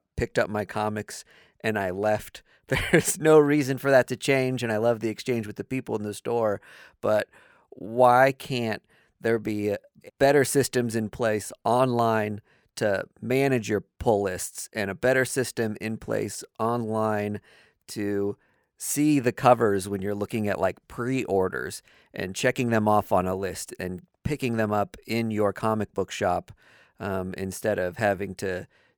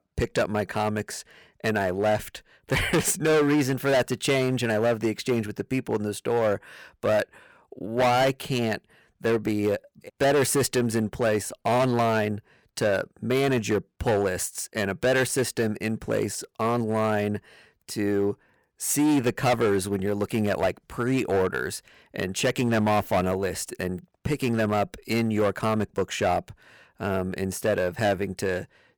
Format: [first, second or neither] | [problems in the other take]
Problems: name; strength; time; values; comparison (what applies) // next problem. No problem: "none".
first | distortion; heavy; 8% of the sound clipped